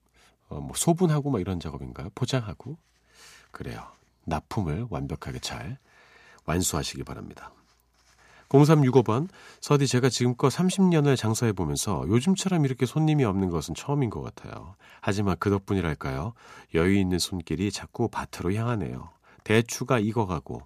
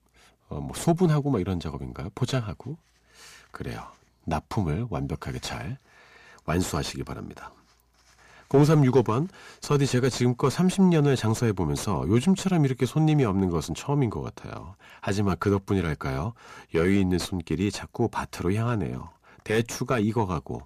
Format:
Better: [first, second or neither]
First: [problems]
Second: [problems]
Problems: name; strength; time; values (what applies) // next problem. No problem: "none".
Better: first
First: none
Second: distortion; slight; 10 dB below the speech